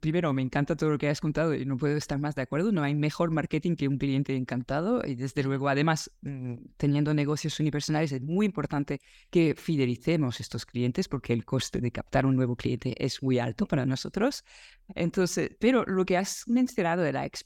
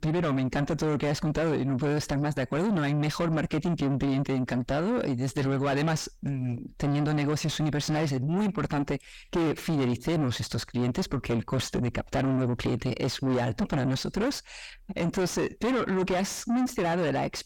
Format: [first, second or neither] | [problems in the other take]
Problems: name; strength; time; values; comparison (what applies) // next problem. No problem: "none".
first | distortion; heavy; 5 dB below the speech